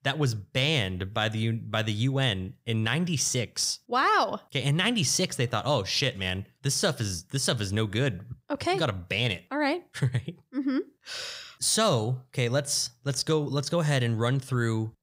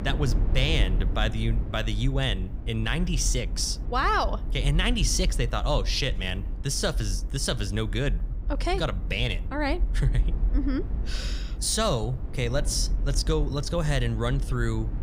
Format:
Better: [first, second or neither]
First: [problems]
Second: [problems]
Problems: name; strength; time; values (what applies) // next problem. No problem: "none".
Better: first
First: none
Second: low rumble; noticeable; throughout; 15 dB below the speech